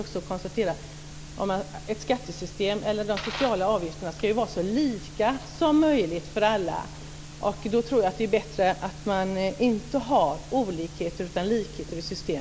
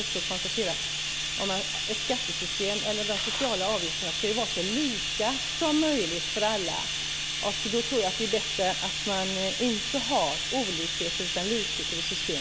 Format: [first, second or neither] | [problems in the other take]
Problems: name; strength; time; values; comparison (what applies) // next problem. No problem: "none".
first | background sound (Bathtub (filling or washing)); as loud as the speech